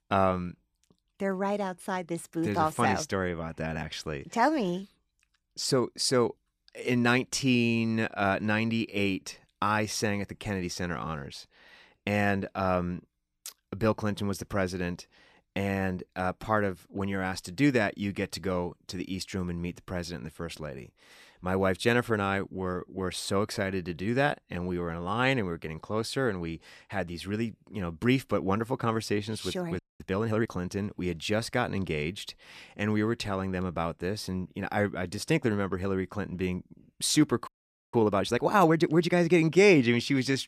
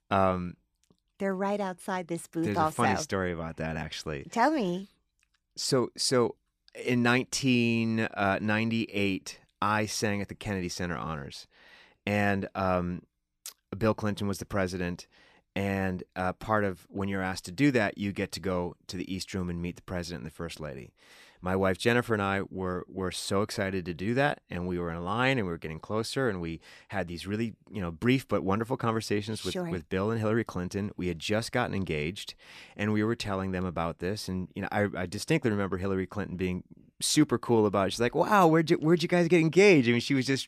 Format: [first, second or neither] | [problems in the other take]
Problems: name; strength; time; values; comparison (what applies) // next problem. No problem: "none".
second | audio freezing; at 30 s and at 37 s